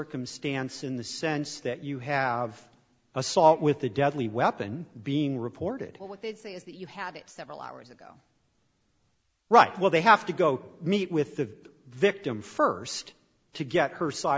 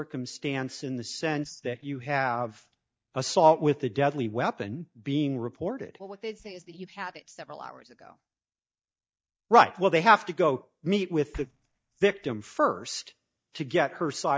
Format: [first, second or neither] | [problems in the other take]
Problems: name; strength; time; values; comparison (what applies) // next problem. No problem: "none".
first | noise reduction (neural mask model DeepFilterNet 3)